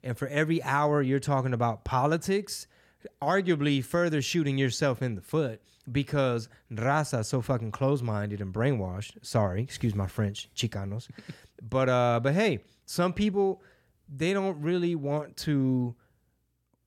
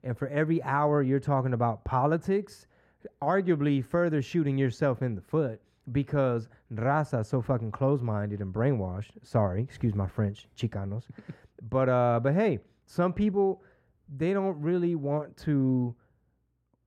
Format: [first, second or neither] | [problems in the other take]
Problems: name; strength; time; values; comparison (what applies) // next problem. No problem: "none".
first | muffled; very; fading above 2.5 kHz